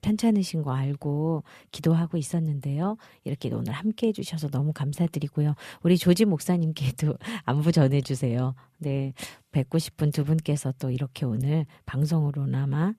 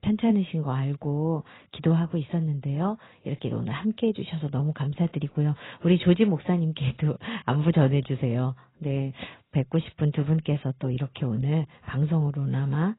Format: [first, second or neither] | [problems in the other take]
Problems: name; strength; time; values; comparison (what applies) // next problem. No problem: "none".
first | garbled, watery; badly; nothing above 4 kHz